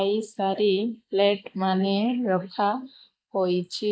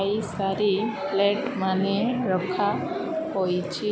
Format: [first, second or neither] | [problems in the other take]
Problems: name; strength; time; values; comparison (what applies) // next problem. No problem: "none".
second | noise reduction (neural mask model Resemble Enhance denoiser)